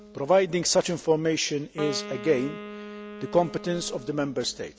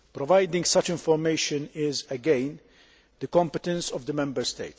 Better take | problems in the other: second | background sound (Wind instrument, woodwind instrument); 14 dB below the speech

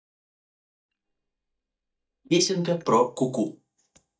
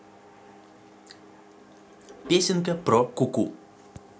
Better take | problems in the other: second | noise reduction (neural mask model DeepFilterNet 3)

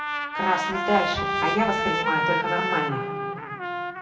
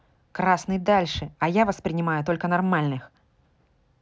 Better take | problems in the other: second | background sound (Trumpet); 1 dB above the speech // room echo; dies away in 2.5 s

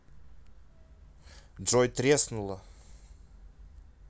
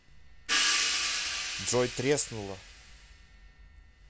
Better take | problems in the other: first | background sound (Crash cymbal / Hi-hat); 2 dB above the speech

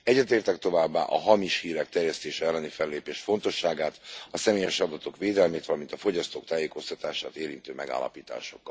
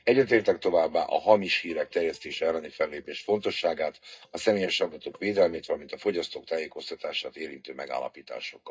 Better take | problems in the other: first | noise reduction (neural mask model DeepFilterNet 3)

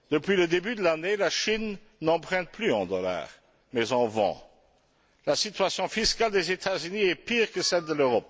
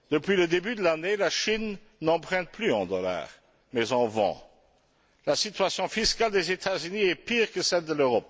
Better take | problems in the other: second | background sound (Telephone); 18 dB below the speech

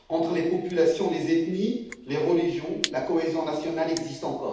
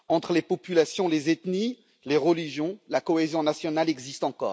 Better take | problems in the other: second | background sound (Crushing); 17 dB below the speech // room echo; dies away in 0.8 s

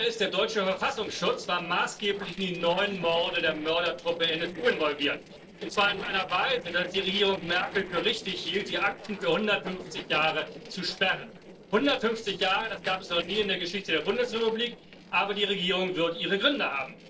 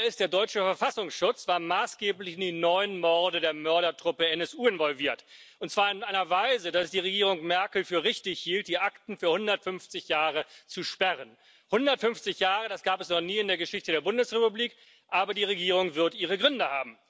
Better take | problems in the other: second | noise reduction (neural separator model SepFormer DNS4)

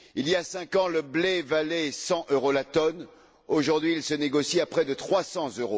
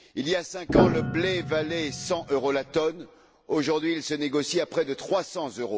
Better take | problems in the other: first | background sound (Piano); 1 dB below the speech

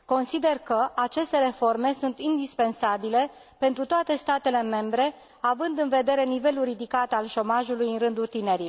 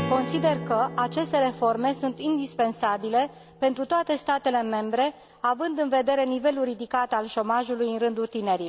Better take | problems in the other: first | background sound (Strum); 14 dB below the speech

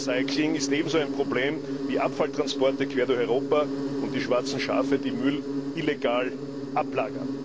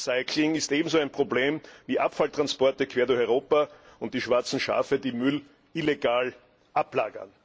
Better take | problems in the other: second | background sound (Insect); 4 dB below the speech

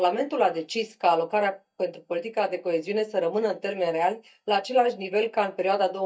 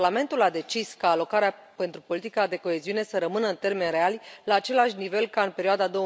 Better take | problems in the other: second | noise reduction (neural mask model DeepFilterNet 3)

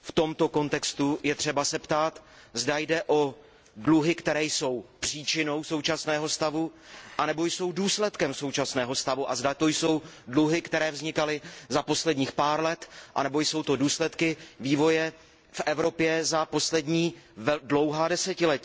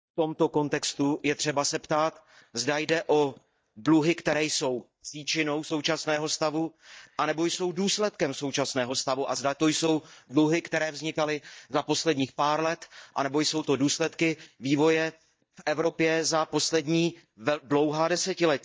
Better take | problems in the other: first | noise reduction (neural mask model DeepFilterNet 3)

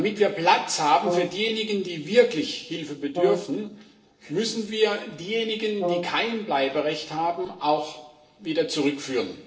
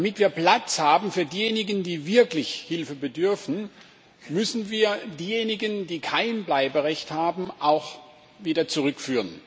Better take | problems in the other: second | noise reduction (neural separator model SepFormer DNS4)

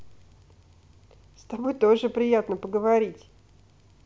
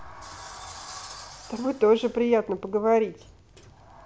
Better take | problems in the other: first | background sound (Sliding door); 18 dB below the speech

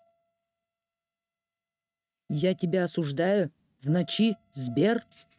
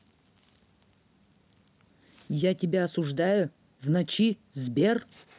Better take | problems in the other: second | noise reduction (neural mask model RNNoise)

